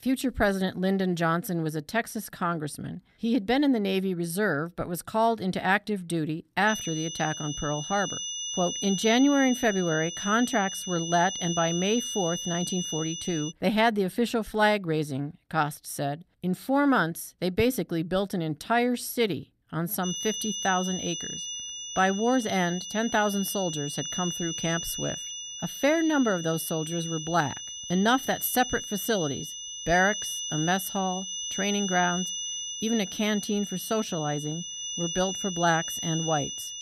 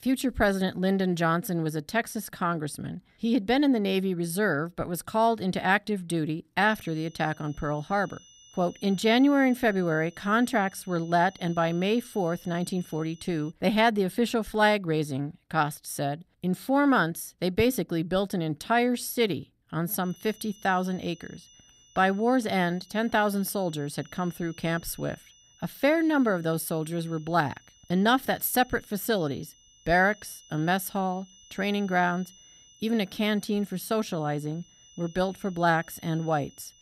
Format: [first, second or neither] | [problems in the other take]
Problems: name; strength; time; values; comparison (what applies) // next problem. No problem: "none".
second | high-pitched whine; loud; from 6.5 to 14 s and from 20 s on; 6 kHz, 5 dB below the speech; faint in the second